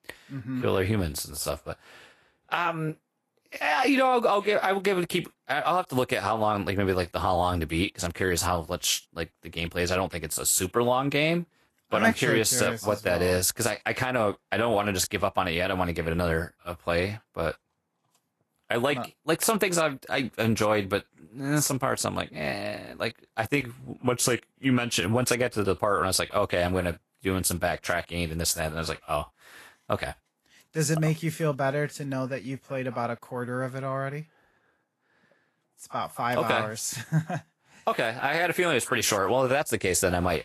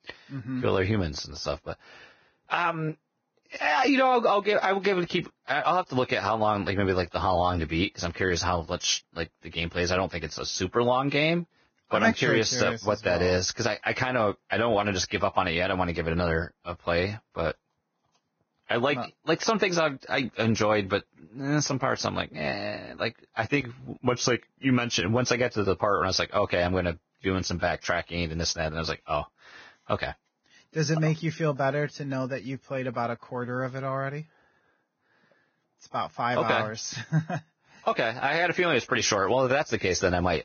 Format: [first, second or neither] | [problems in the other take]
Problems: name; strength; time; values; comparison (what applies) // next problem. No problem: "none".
first | garbled, watery; badly; nothing above 6.5 kHz; slightly in the first